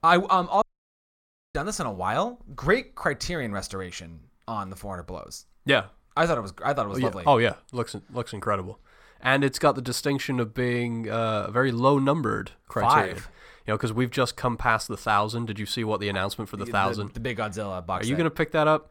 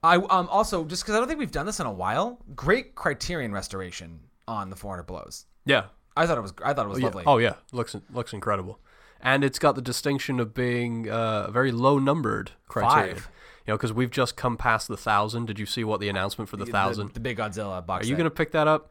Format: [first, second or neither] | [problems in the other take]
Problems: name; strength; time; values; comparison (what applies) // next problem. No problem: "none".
second | audio cutting out; at 0.5 s for 1 s